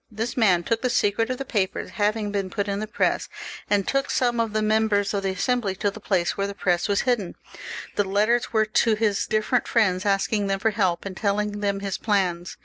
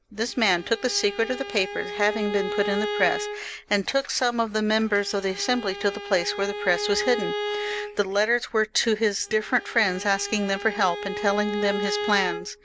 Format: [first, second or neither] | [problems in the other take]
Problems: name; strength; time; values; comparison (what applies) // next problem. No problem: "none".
first | background sound (Bowed string instrument); 8 dB below the speech